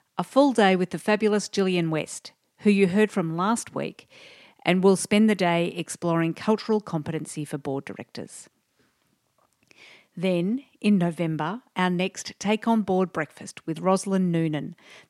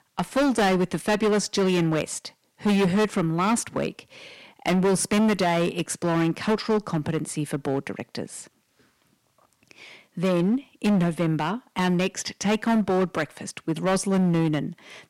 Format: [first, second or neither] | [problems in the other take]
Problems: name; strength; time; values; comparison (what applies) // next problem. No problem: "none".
first | distortion; heavy; 12% of the sound clipped